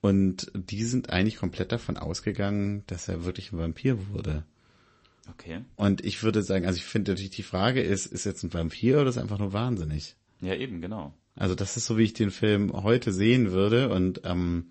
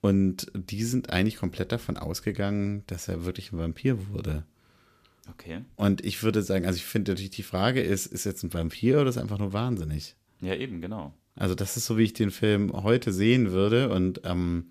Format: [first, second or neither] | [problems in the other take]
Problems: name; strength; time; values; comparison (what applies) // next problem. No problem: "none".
second | garbled, watery; slightly; nothing above 8 kHz